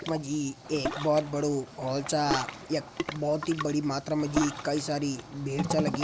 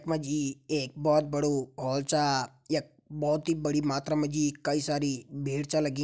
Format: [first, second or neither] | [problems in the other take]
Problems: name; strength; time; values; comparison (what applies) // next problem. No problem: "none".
second | background sound (Ocean); 6 dB below the speech